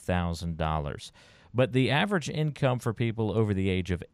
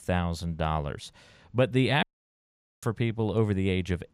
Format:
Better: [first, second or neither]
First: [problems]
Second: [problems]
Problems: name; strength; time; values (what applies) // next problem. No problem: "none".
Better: first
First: none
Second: audio cutting out; at 2 s for 1 s